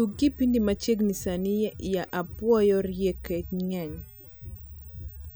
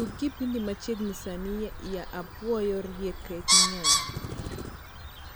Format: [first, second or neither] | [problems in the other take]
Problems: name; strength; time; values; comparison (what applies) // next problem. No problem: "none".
first | background sound (Bird); 3 dB above the speech